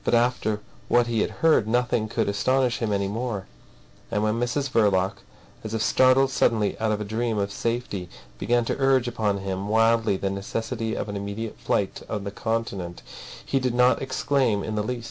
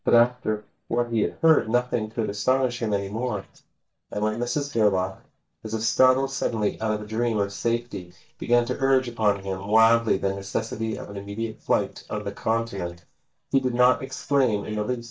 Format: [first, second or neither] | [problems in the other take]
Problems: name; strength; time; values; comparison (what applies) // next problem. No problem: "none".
first | noise reduction (neural mask model DeepFilterNet 3)